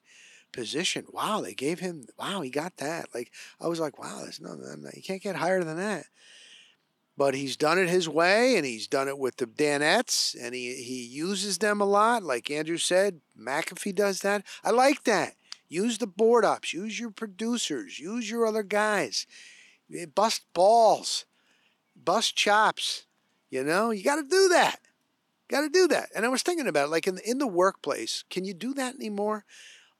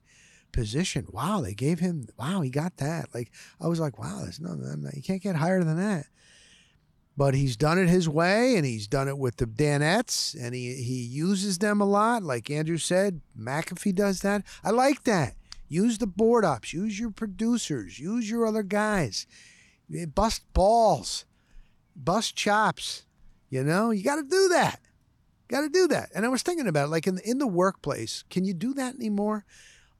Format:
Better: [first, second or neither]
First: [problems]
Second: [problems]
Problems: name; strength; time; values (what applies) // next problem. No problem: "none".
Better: second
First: thin; somewhat; fading below 300 Hz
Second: none